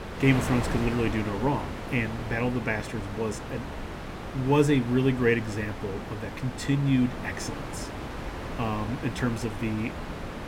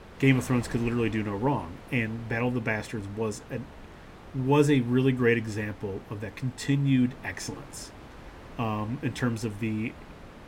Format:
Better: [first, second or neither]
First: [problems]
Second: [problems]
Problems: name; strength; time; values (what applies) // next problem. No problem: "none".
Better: second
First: wind noise on the microphone; heavy; 6 dB below the speech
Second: wind noise on the microphone; occasional gusts; 15 dB below the speech